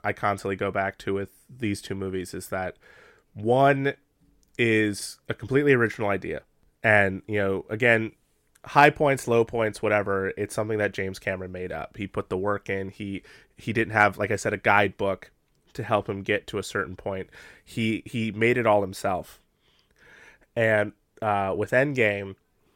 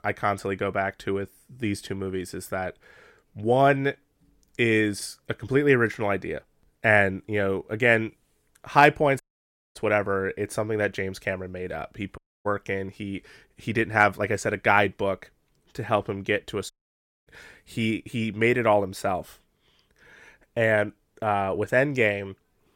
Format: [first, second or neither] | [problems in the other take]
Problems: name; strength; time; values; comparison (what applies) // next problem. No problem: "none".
first | audio cutting out; at 9 s for 0.5 s, at 12 s and at 17 s for 0.5 s